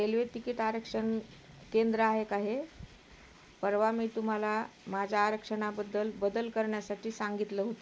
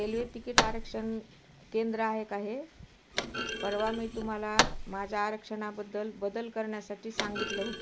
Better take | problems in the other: first | background sound (Thump, thud); 1 dB below the speech

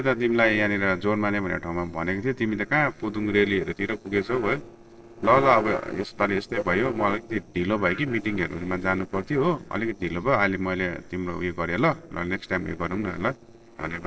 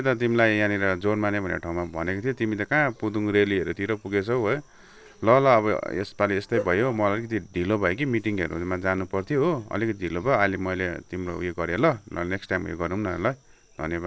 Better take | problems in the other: second | noise reduction (neural separator model SepFormer DNS4)

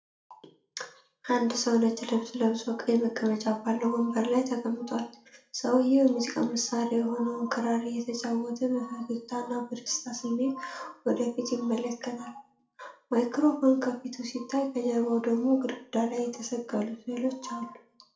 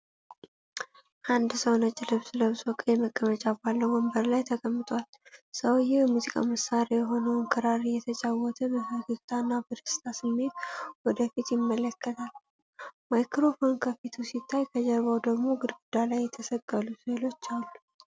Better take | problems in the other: second | room echo; dies away in 0.4 s

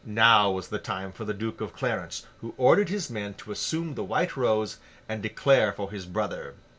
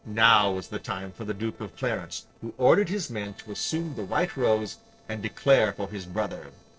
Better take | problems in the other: first | noise reduction (neural separator model SepFormer DNS4)

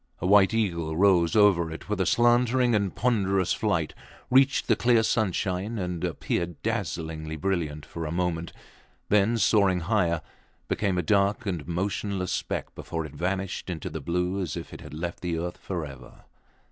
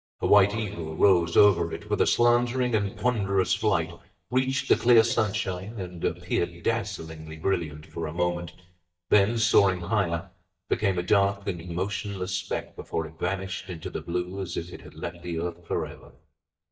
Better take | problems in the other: first | noise reduction (neural mask model DeepFilterNet 3)

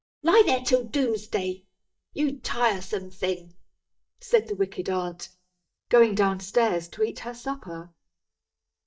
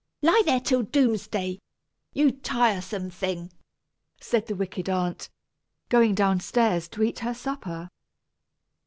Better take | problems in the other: second | noise reduction (neural mask model DeepFilterNet 3)

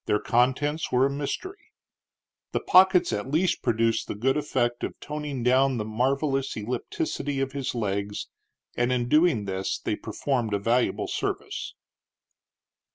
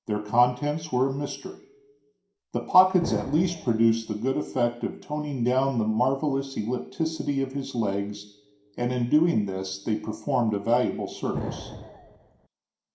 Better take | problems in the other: first | background sound (Explosion); 11 dB below the speech // room echo; dies away in 0.5 s

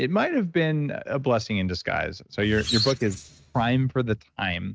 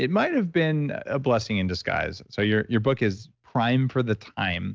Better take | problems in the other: second | noise reduction (neural mask model RNNoise)

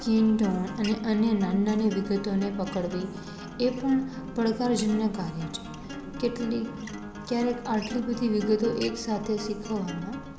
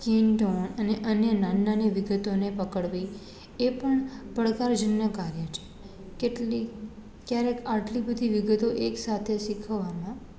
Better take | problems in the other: second | background sound (Acoustic guitar); 12 dB below the speech

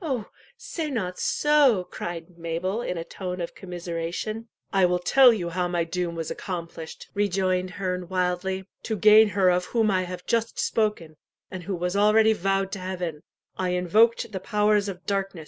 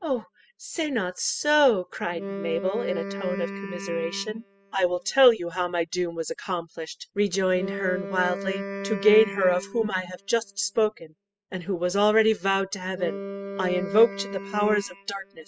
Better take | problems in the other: first | noise reduction (classical method spectral subtraction)

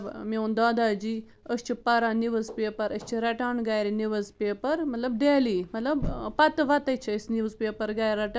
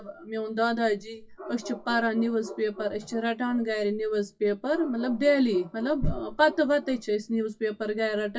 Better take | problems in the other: first | noise reduction (classical method WPE with log-MMSE)

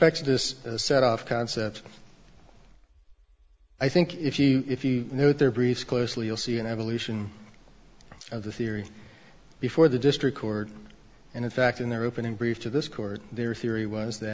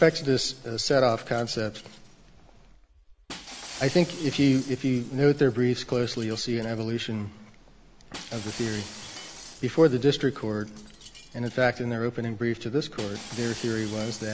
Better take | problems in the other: first | background sound (Shatter); 18 dB below the speech

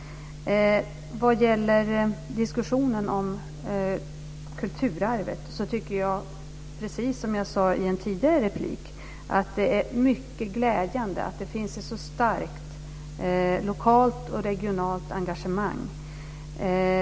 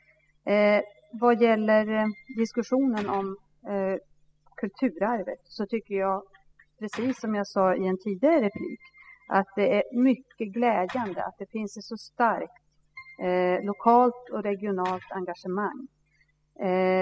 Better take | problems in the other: first | noise reduction (classical method spectral subtraction)

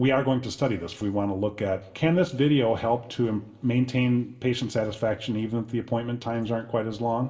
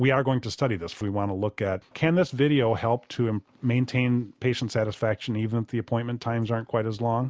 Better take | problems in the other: second | room echo; dies away in 1.2 s

